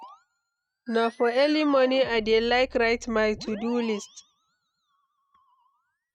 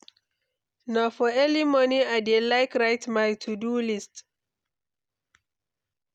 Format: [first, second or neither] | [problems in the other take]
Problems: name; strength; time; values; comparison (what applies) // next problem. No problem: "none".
second | noise reduction (neural mask model RNNoise)